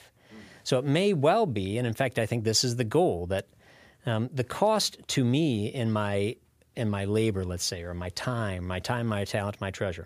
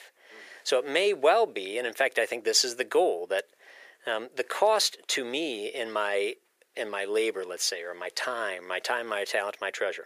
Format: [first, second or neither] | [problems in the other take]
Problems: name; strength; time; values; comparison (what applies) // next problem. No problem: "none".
first | thin; very; fading below 400 Hz